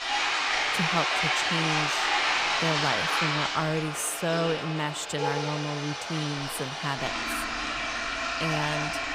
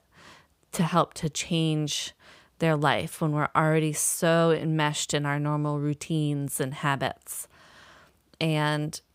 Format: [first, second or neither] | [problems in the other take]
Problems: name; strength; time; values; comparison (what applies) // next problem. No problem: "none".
second | household noises; very loud; throughout; 4 dB above the speech